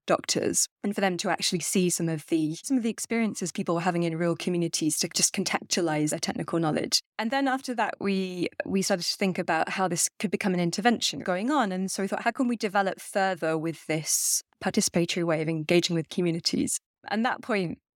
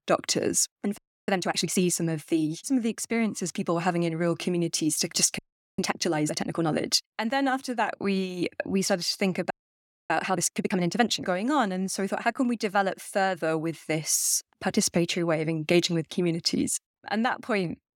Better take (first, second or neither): first